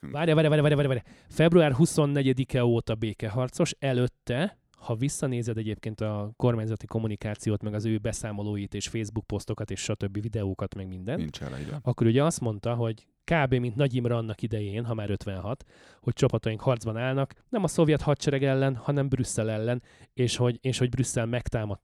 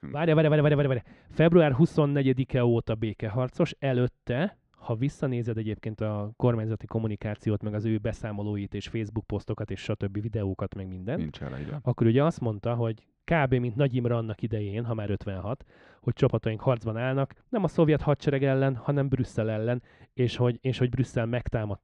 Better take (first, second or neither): first